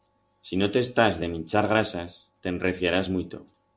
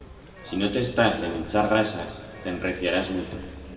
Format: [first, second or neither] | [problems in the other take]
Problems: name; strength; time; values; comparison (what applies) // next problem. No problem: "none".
first | background sound (Zipper (clothing) / Telephone); 16 dB below the speech // room echo; dies away in 1.9 s